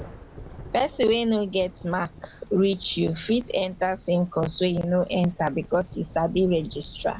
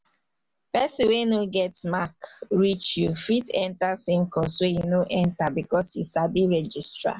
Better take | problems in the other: second | background sound (Thunder); 19 dB below the speech

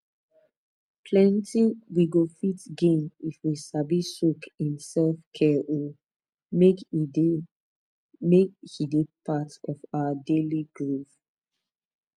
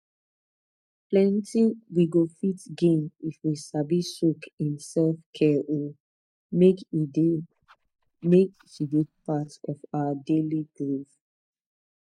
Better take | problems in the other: first | noise reduction (neural mask model DeepFilterNet 3)

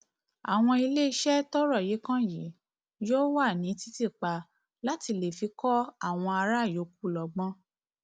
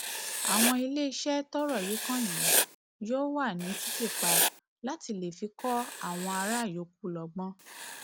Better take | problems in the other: first | background sound (Writing); as loud as the speech

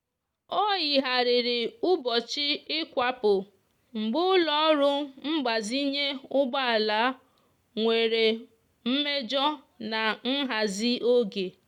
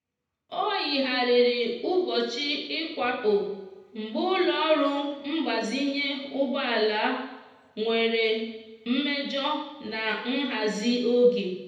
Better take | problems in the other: first | room echo; dies away in 0.9 s

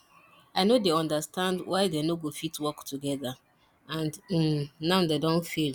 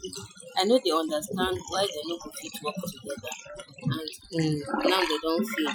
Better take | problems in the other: first | noise reduction (classical method Wiener filter)

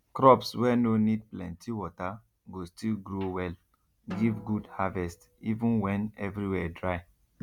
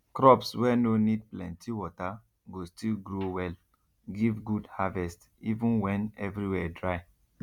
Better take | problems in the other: second | background sound (Drum); 17 dB below the speech

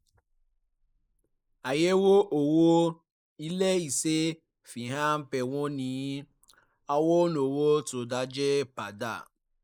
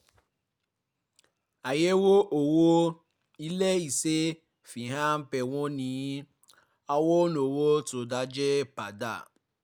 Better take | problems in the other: second | noise reduction (neural mask model Resemble Enhance denoiser)

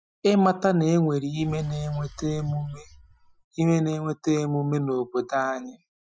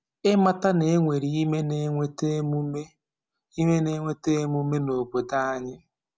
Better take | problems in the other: second | noise reduction (classical method Wiener filter)

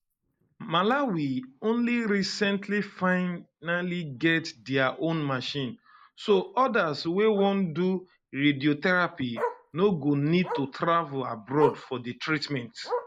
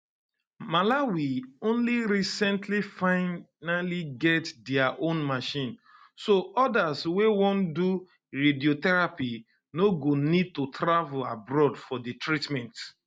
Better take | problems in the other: second | noise reduction (neural mask model Resemble Enhance denoiser)

